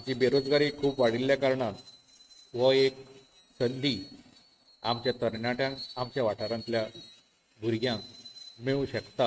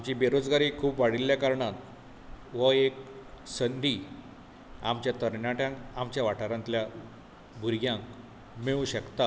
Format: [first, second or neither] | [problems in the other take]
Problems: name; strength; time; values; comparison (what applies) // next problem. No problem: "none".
second | noise reduction (neural mask model RNNoise)